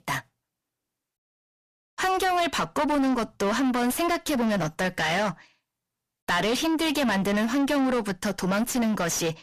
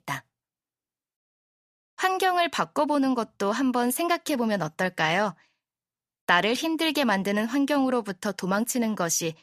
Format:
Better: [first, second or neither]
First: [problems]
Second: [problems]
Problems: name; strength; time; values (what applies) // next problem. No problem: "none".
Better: second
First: distortion; heavy; 5 dB below the speech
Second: none